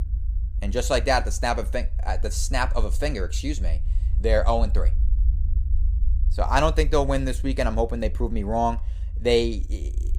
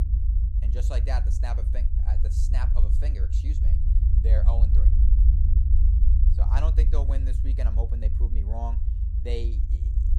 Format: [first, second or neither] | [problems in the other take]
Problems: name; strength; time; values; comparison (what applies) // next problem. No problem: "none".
first | low rumble; loud; throughout; 4 dB below the speech; faint in the first